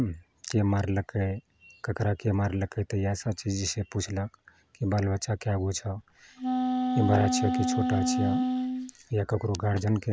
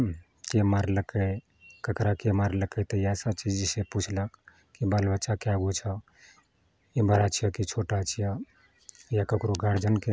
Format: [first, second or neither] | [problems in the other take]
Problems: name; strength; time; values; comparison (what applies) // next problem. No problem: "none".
second | background sound (Wind instrument, woodwind instrument); 1 dB above the speech